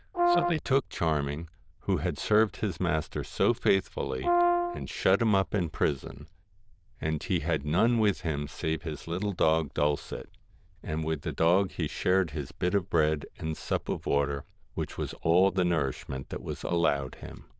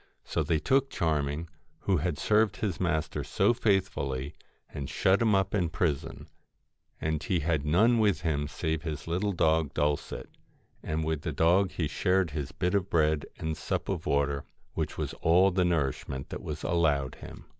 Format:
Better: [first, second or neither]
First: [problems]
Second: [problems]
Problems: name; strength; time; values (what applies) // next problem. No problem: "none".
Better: second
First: noise reduction (neural diffusion model UNIVERSE++)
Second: none